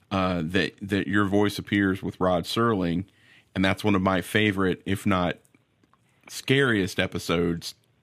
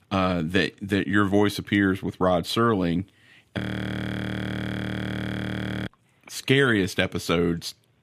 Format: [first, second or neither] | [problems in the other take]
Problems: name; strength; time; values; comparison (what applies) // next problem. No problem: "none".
first | audio freezing; at 3.5 s for 2.5 s